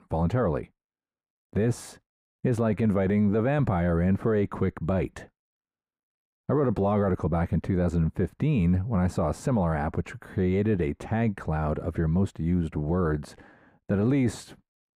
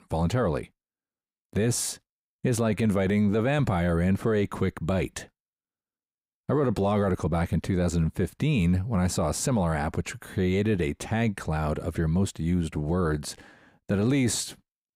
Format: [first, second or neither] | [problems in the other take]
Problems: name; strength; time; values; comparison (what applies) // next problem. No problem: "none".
second | muffled; slightly; fading above 2.5 kHz